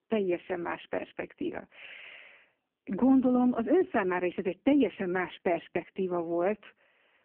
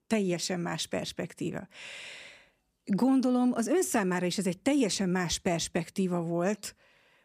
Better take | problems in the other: second | phone-call audio; poor line

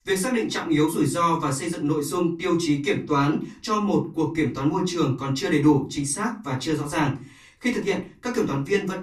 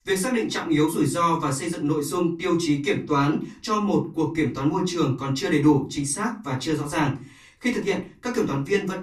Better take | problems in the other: neither | off-mic speech; far; the same in both // room echo; very slight; dies away in 0.3 s; the same in both

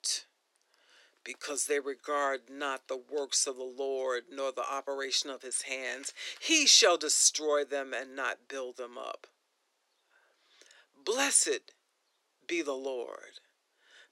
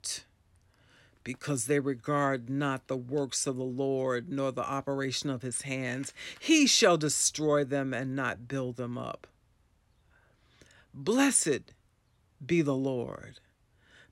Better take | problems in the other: second | thin; somewhat; fading below 350 Hz

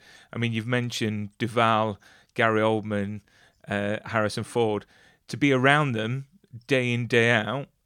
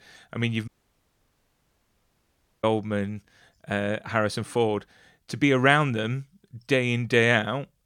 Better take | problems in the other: first | audio cutting out; at 0.5 s for 2 s

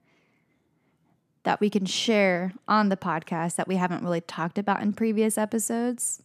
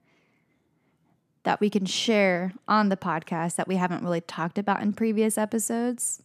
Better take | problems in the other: neither | none

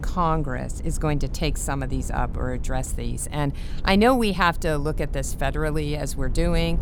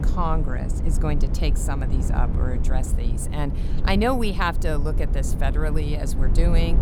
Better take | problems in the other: first | low rumble; loud; throughout; 10 dB below the speech; faint in the first

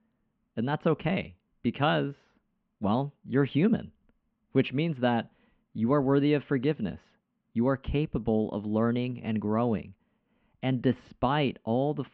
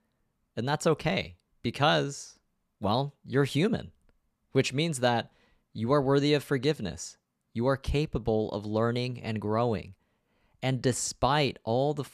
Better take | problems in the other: second | muffled; very; fading above 3 kHz

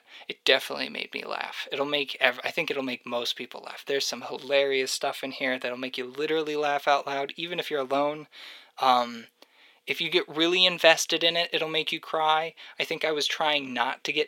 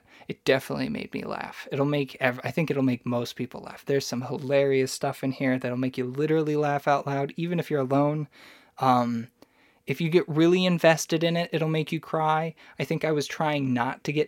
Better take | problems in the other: second | thin; somewhat; fading below 450 Hz

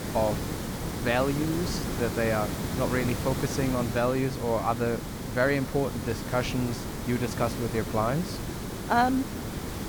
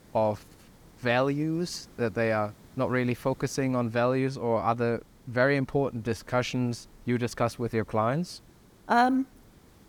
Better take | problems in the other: second | hiss; loud; throughout; 5 dB below the speech; faint in the second

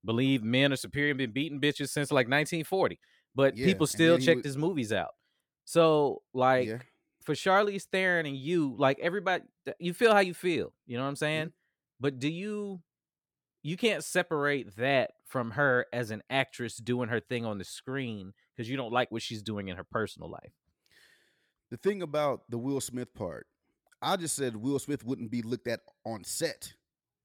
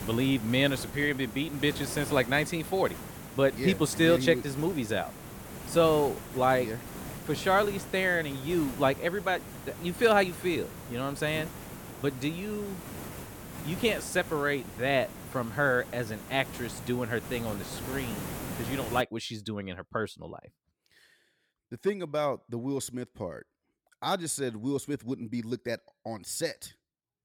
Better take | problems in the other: first | hiss; noticeable; until 19 s; 10 dB below the speech

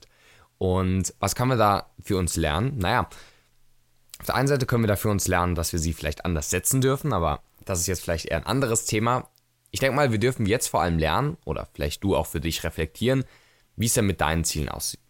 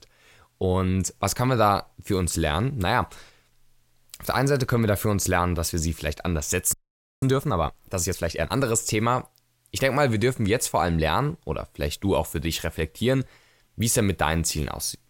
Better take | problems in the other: first | audio freezing; at 6.5 s

